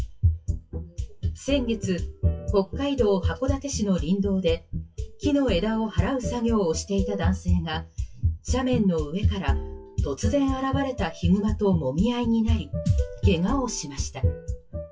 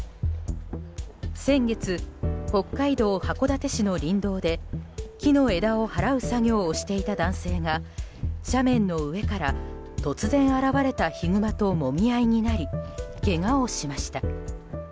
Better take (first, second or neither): second